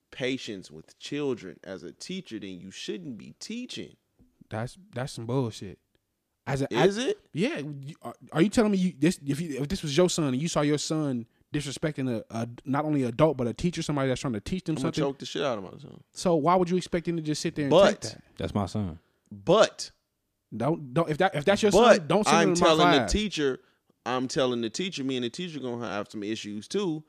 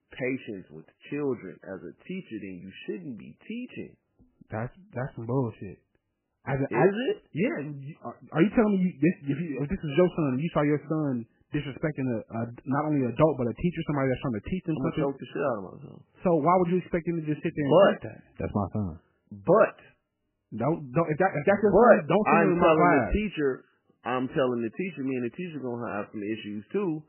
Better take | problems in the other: first | garbled, watery; badly; nothing above 3 kHz

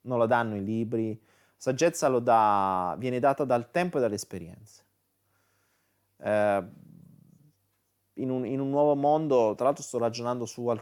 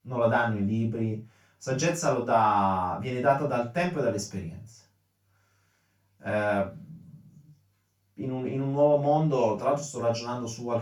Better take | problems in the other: first | room echo; noticeable; dies away in 0.2 s // off-mic speech; far

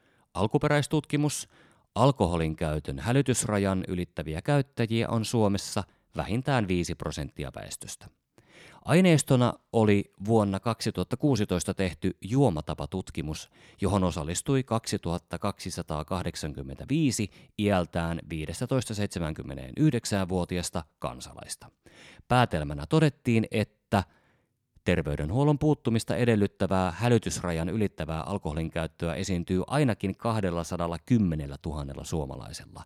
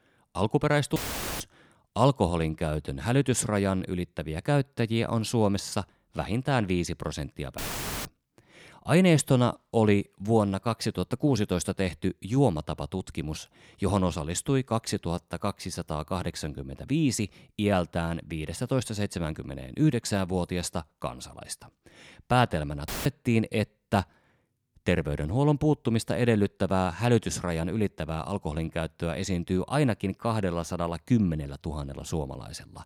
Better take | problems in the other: first | audio cutting out; filled with static; at 1 s, at 7.5 s and at 23 s

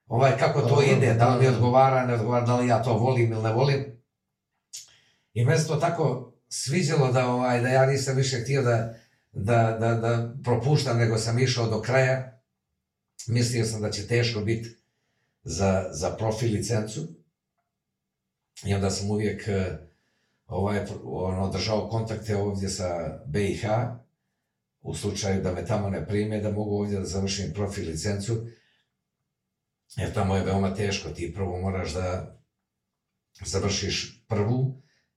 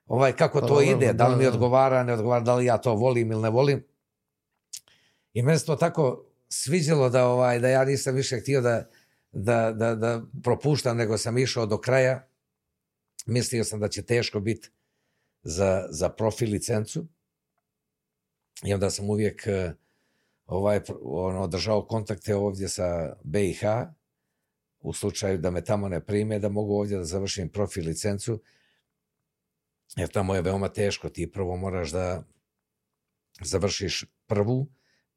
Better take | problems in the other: second | room echo; slight; dies away in 0.3 s // off-mic speech; far

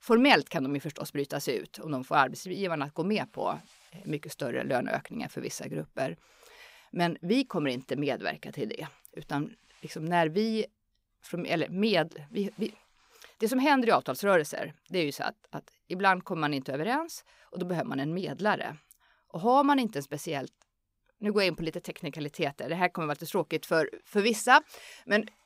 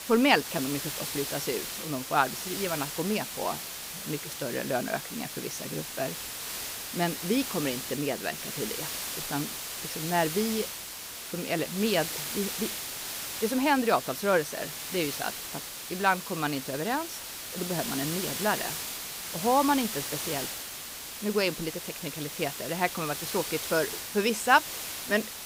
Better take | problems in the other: first | hiss; loud; throughout; 5 dB below the speech

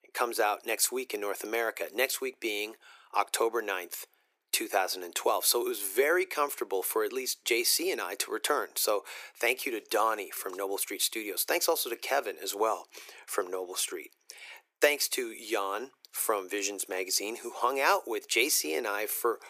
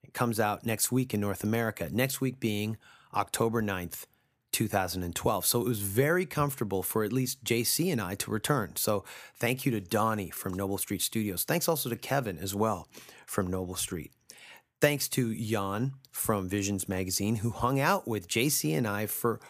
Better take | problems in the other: second | thin; very; fading below 350 Hz

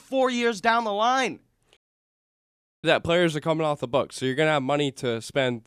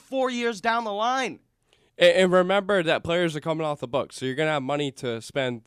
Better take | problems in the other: second | audio cutting out; at 2 s for 1 s

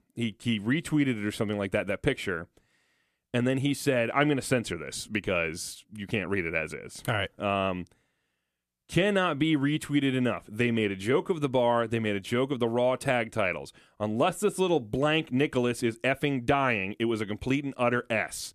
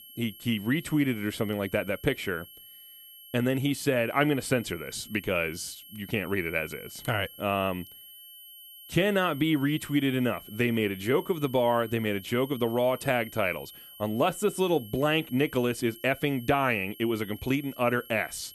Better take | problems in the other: first | high-pitched whine; noticeable; throughout; 3 kHz, 20 dB below the speech

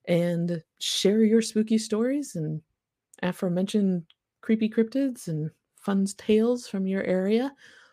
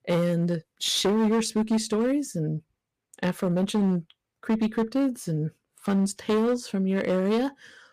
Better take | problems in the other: first | distortion; slight; 11% of the sound clipped

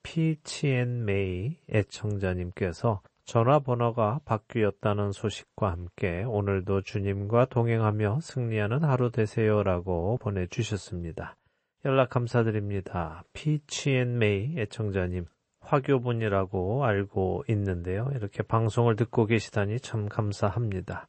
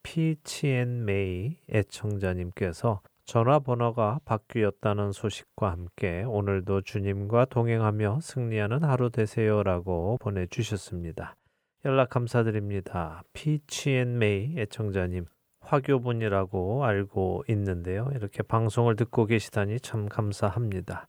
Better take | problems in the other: second | garbled, watery; slightly; nothing above 8 kHz

